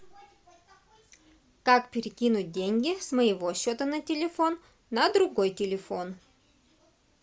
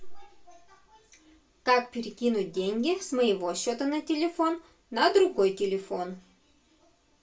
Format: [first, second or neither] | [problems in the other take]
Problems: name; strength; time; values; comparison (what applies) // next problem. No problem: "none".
first | room echo; dies away in 0.2 s